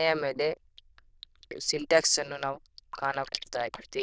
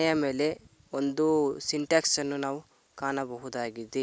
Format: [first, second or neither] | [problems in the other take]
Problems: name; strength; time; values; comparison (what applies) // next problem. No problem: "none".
second | noise reduction (neural diffusion model UNIVERSE++)